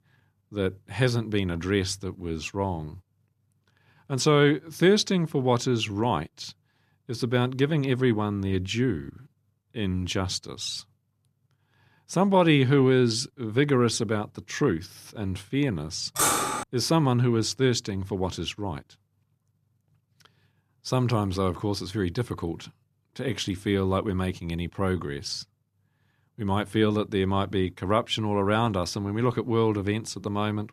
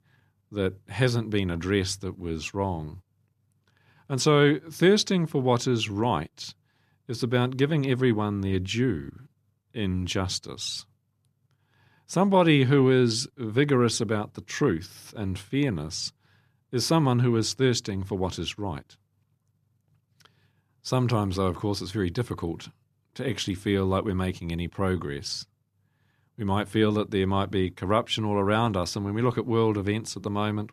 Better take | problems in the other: second | clattering dishes; loud; at 16 s; peak 4 dB above the speech

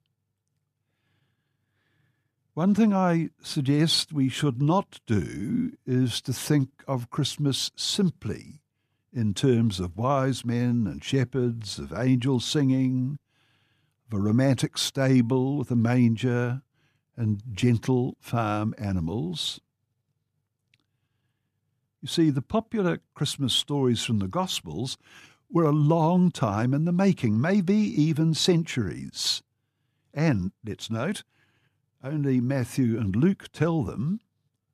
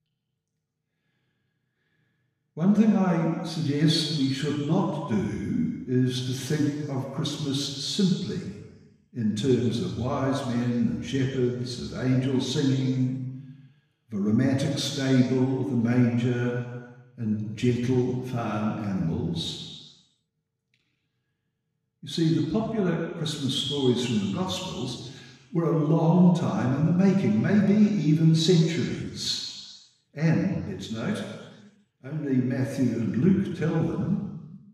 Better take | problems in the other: first | room echo; noticeable; dies away in 1.3 s // off-mic speech; far

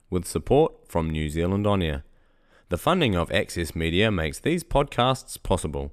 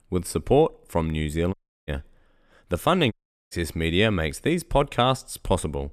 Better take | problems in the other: first | audio cutting out; at 1.5 s and at 3 s

